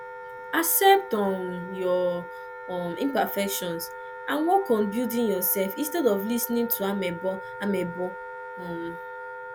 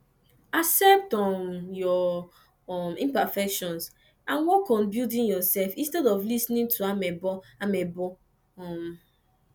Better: second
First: background sound (Wind instrument, woodwind instrument); 12 dB below the speech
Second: none

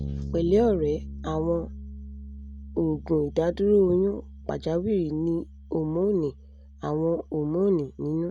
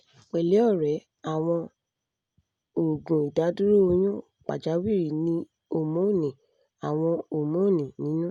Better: second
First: background sound (Bass guitar); 13 dB below the speech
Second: none

